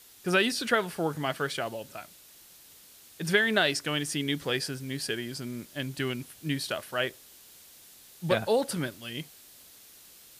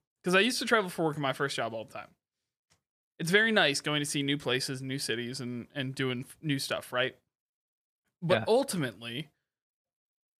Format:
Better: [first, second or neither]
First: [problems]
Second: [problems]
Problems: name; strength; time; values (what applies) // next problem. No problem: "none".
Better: second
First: hiss; faint; throughout; 20 dB below the speech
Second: none